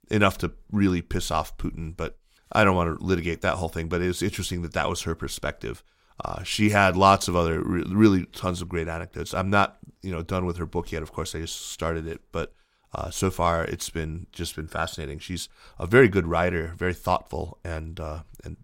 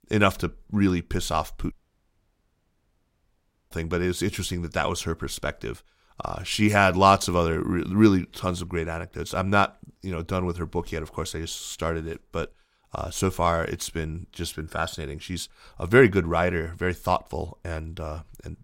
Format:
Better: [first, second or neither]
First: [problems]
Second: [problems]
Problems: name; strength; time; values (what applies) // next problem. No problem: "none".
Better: first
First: none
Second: audio cutting out; at 1.5 s for 2 s